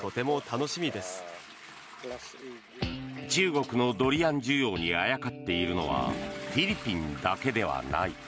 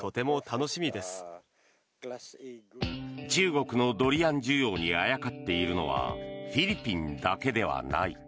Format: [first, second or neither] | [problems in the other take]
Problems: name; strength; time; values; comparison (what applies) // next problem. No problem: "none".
second | background sound (Toilet flush / Water); 15 dB below the speech